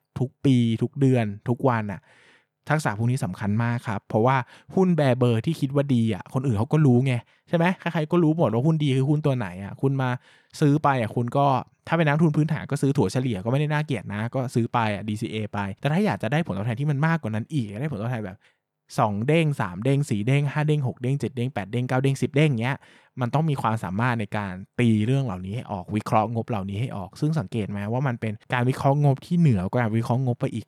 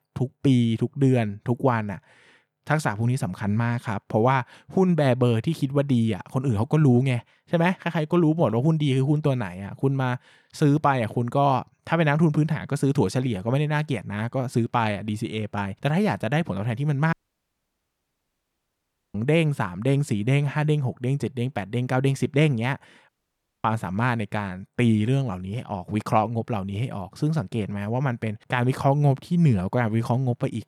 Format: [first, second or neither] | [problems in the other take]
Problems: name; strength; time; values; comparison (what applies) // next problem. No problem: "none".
first | audio cutting out; at 17 s for 2 s and at 23 s for 0.5 s